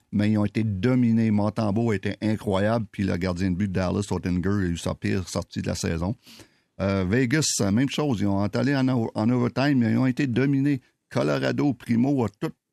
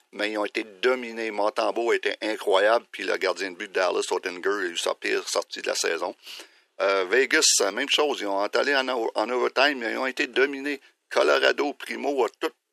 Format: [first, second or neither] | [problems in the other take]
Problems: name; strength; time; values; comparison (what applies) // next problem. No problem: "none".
first | thin; very; fading below 350 Hz